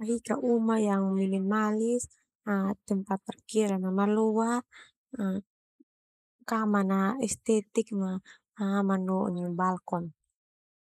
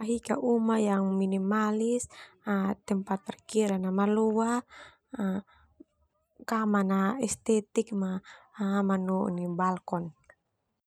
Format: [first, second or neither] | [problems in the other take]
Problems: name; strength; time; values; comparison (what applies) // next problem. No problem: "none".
second | noise reduction (neural mask model Resemble Enhance denoiser)